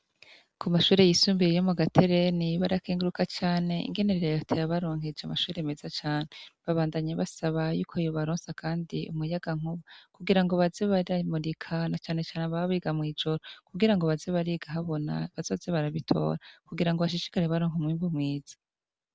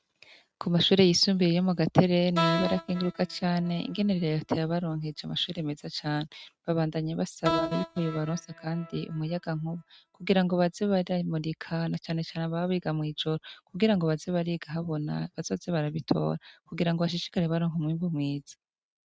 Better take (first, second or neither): first